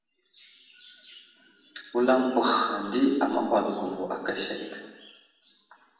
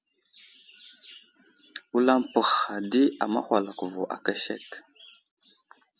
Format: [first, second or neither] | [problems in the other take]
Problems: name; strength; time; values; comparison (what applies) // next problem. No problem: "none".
second | room echo; dies away in 1.1 s